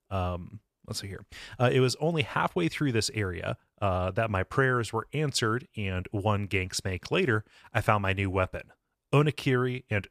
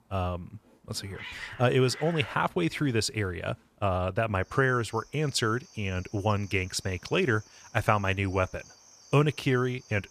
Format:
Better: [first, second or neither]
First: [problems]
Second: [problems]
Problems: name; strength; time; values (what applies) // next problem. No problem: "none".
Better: first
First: none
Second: animal sounds; noticeable; throughout; 20 dB below the speech